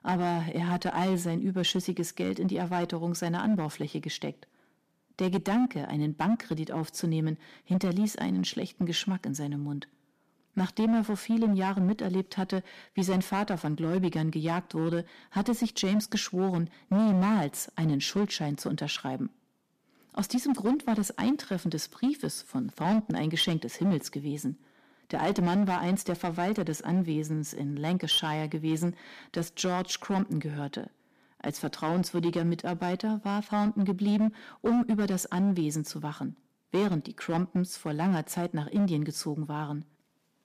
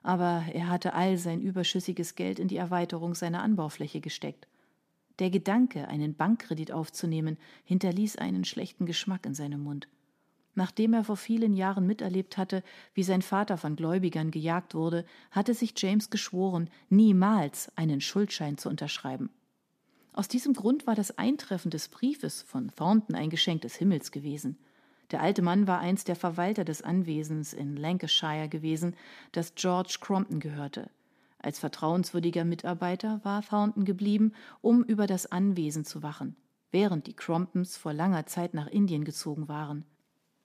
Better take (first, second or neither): second